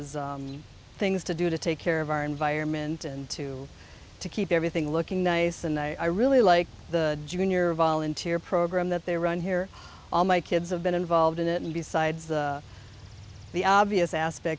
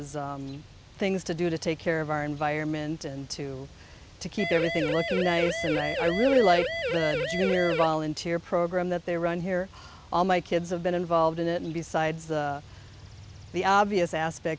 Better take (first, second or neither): first